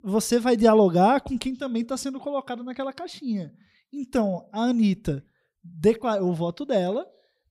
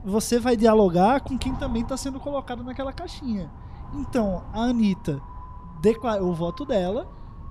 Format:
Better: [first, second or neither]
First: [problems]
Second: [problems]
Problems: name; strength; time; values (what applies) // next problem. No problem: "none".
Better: first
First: none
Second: wind noise on the microphone; occasional gusts; 20 dB below the speech